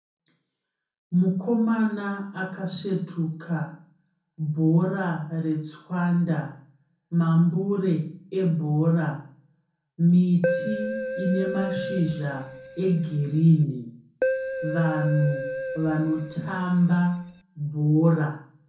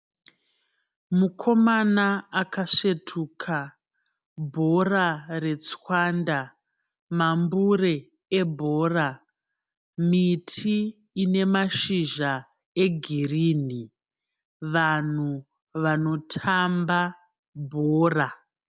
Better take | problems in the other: second | background sound (Keyboard (musical)); 6 dB below the speech // room echo; dies away in 0.5 s

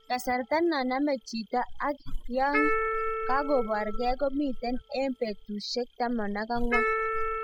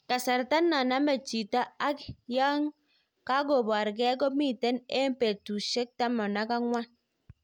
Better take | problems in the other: second | noise reduction (classical method spectral subtraction)

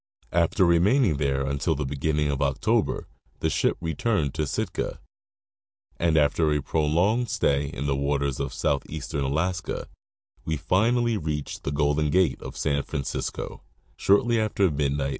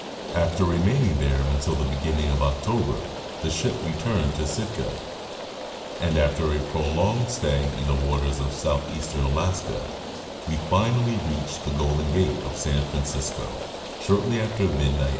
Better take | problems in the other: first | background sound (Rain); 10 dB below the speech // room echo; dies away in 1.7 s

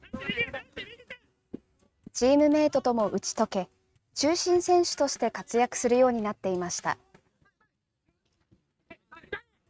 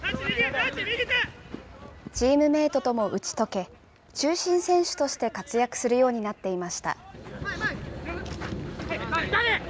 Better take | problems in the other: second | noise reduction (neural mask model RNNoise)

